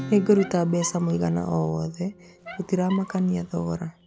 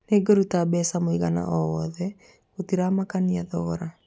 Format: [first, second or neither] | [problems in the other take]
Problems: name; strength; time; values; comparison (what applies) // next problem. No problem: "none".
second | background sound (Squeak + Acoustic guitar / Strum); 16 dB below the speech